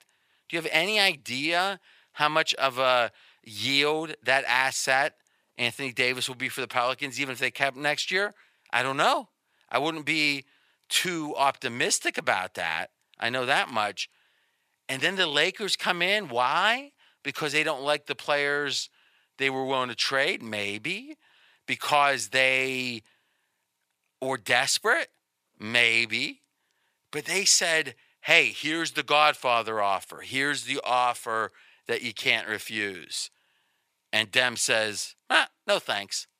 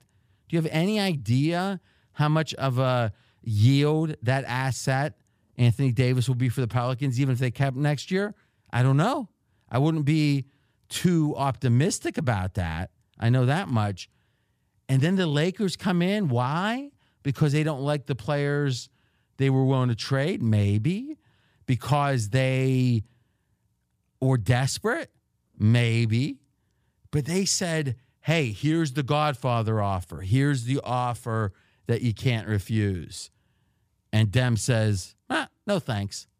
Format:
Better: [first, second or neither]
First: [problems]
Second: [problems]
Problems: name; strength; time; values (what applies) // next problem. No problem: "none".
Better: second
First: thin; very; fading below 600 Hz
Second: none